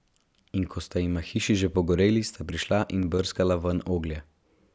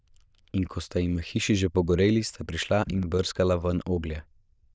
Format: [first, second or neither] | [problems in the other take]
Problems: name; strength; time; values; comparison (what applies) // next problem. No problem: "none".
first | noise reduction (neural diffusion model UNIVERSE++)